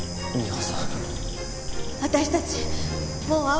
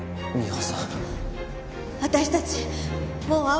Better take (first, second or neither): second